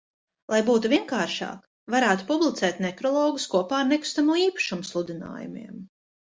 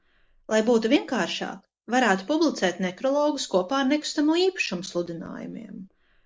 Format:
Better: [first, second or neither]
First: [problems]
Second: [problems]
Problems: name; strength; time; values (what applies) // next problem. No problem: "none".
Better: first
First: none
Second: noise reduction (neural mask model Resemble Enhance denoiser)